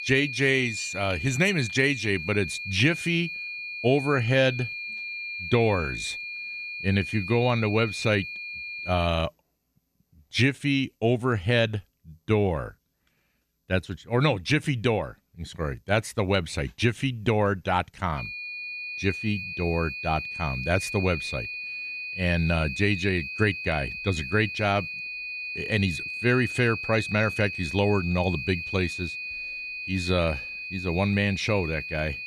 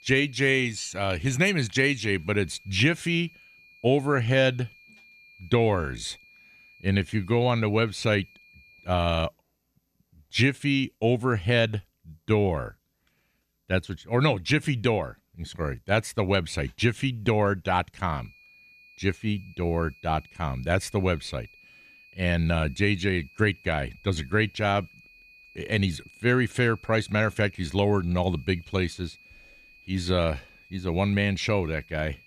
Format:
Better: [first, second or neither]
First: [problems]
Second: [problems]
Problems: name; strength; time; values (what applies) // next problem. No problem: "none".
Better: second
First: high-pitched whine; loud; until 9 s and from 18 s on; 2.5 kHz, 7 dB below the speech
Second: high-pitched whine; faint; until 9 s and from 18 s on; 2.5 kHz, 25 dB below the speech